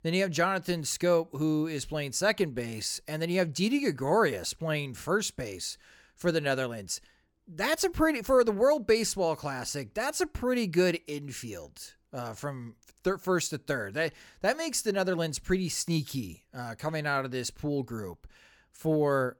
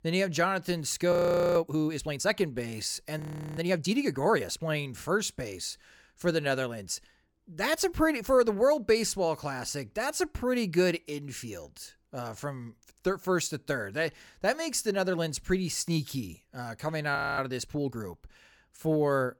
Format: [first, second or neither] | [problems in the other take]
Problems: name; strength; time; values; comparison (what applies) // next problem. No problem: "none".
first | audio freezing; at 1 s, at 3 s and at 17 s